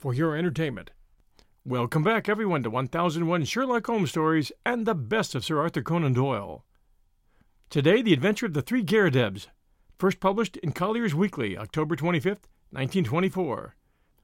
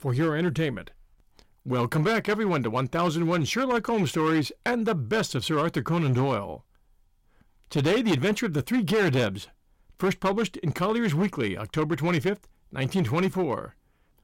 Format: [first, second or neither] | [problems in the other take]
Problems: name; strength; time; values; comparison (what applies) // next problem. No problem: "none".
first | distortion; slight; 8% of the sound clipped